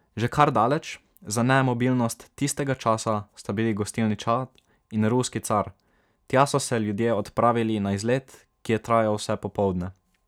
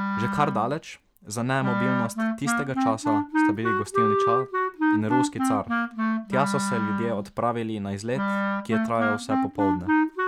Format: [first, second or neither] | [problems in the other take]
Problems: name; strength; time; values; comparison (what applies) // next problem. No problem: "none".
first | background sound (Wind instrument, woodwind instrument); 3 dB above the speech